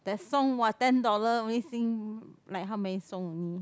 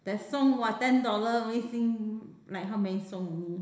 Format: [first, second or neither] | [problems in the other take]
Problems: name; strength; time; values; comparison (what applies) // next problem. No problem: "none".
first | room echo; dies away in 0.9 s